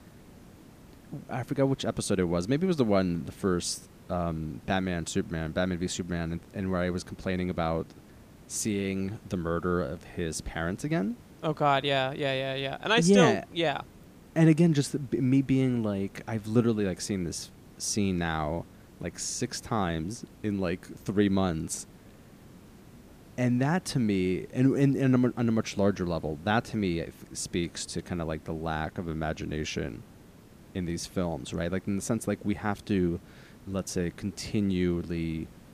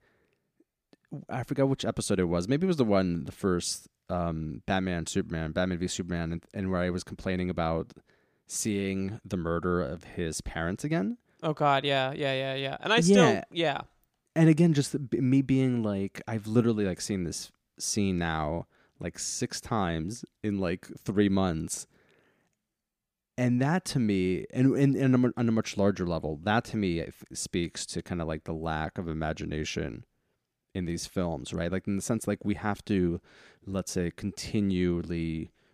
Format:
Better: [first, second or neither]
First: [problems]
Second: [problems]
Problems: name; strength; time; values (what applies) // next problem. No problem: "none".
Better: second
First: hiss; faint; throughout; 25 dB below the speech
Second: none